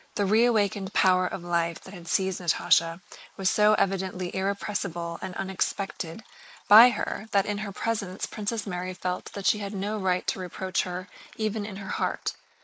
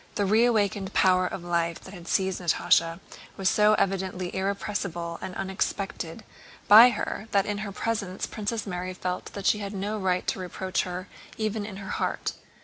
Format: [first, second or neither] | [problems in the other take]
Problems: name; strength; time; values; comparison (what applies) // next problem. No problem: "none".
second | noise reduction (neural mask model Resemble Enhance denoiser)